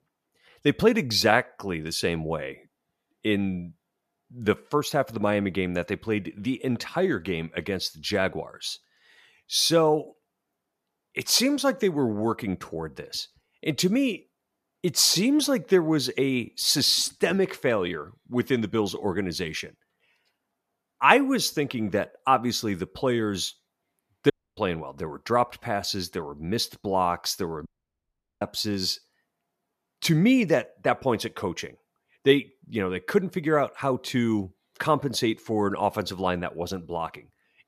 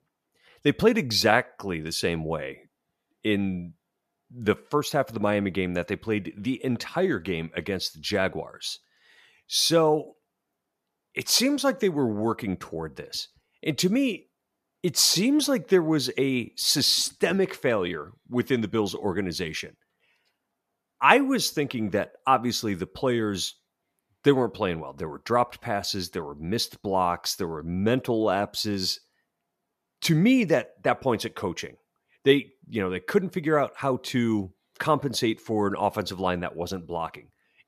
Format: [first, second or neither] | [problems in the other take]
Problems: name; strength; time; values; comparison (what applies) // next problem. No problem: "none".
second | audio cutting out; at 24 s and at 28 s for 1 s